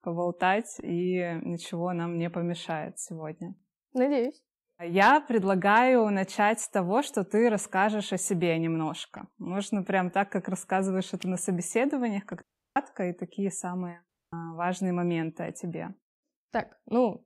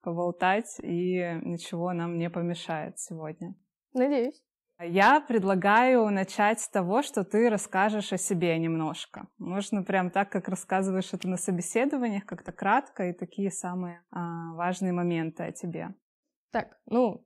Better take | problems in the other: second | audio cutting out; at 12 s and at 14 s

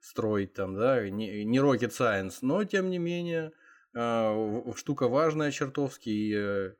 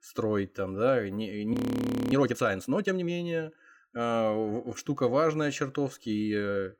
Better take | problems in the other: first | audio freezing; at 1.5 s for 0.5 s

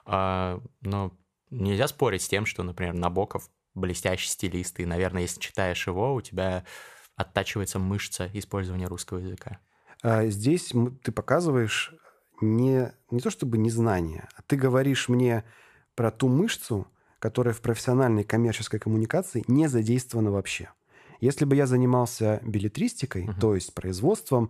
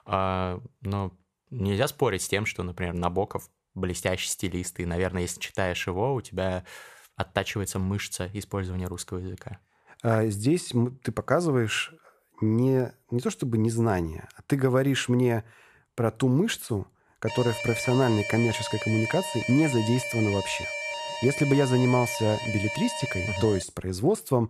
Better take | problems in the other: first | alarm; noticeable; from 17 to 24 s; peak 4 dB below the speech

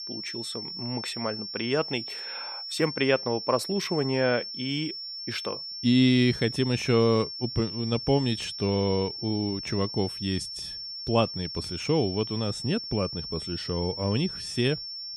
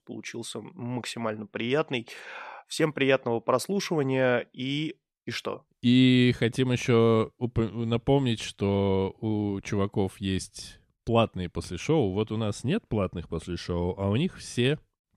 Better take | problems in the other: second | high-pitched whine; loud; throughout; 5.5 kHz, 7 dB below the speech

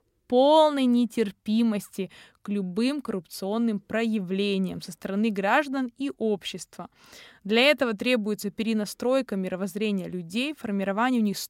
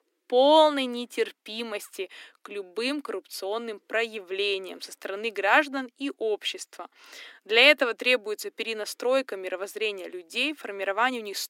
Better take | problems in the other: first | thin; somewhat; fading below 300 Hz

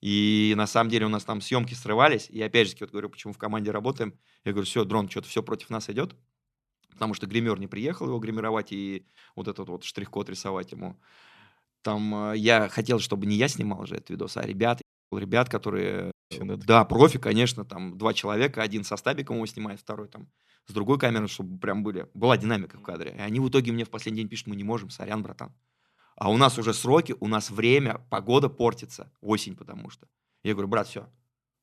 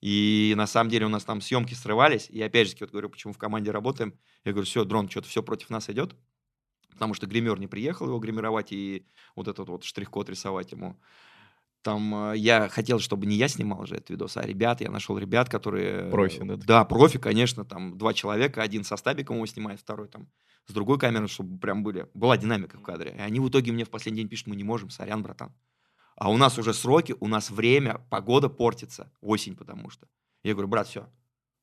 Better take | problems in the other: second | audio cutting out; at 15 s and at 16 s

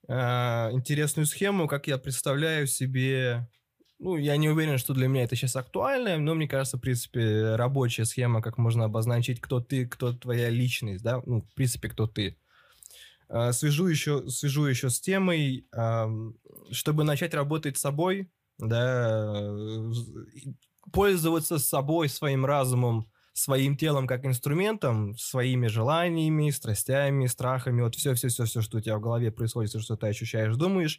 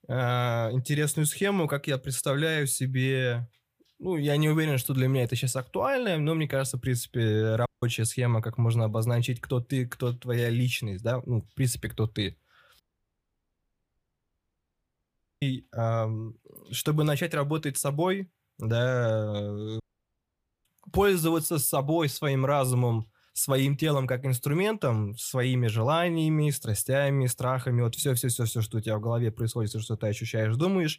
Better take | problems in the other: first | audio cutting out; at 7.5 s, at 13 s for 2.5 s and at 20 s for 1 s

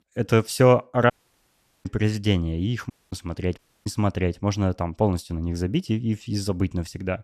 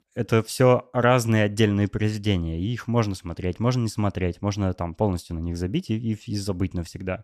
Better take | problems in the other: second | audio cutting out; at 1 s for 1 s, at 3 s and at 3.5 s

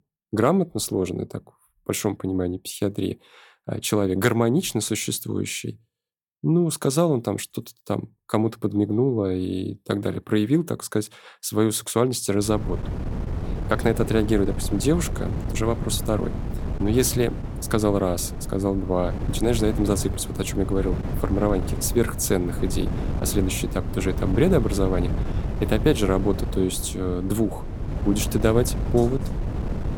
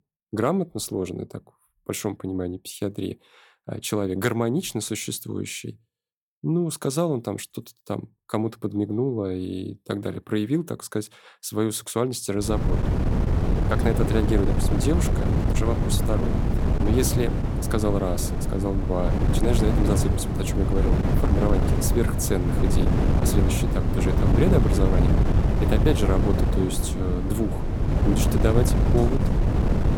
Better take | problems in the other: first | wind noise on the microphone; heavy; from 12 s on; 2 dB below the speech; occasional gusts in the first

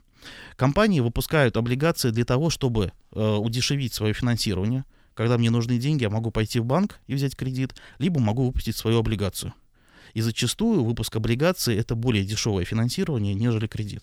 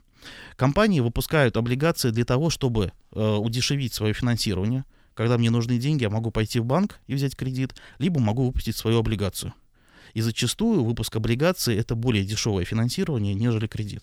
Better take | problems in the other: neither | none

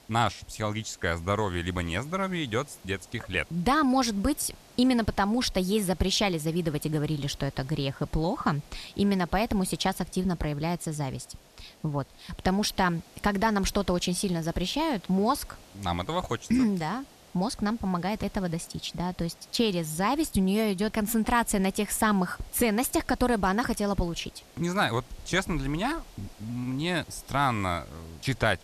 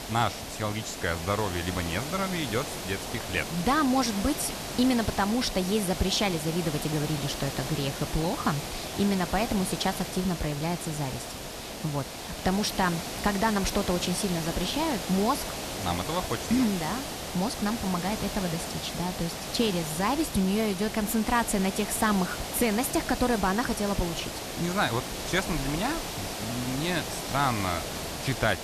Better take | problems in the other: first | hiss; loud; throughout; 6 dB below the speech; faint in the first

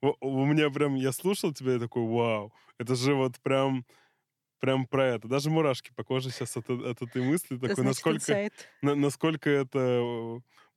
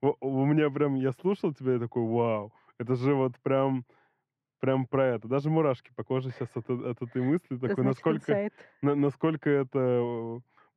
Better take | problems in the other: first | muffled; very; fading above 4 kHz

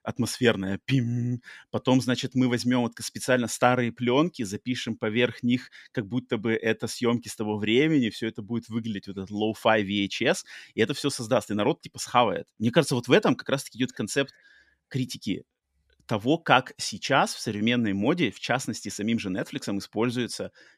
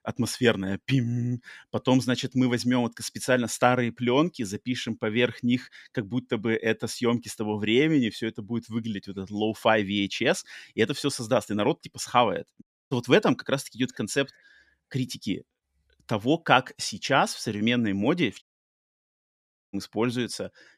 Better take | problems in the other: first | audio cutting out; at 13 s and at 18 s for 1.5 s

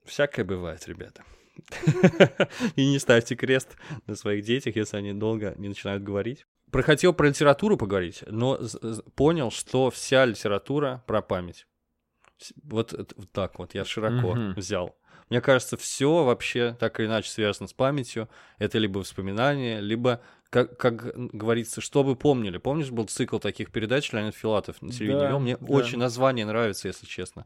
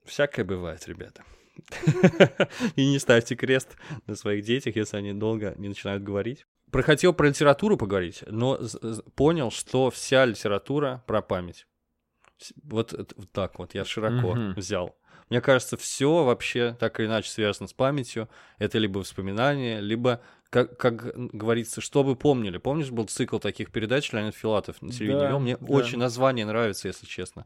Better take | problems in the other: neither | none

